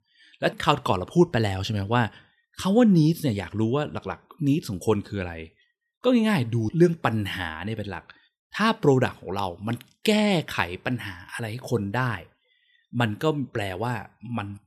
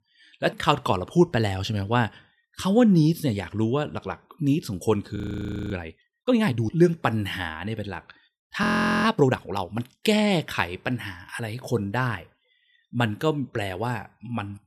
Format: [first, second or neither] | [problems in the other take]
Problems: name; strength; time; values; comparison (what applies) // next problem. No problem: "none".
first | audio freezing; at 5 s for 0.5 s and at 8.5 s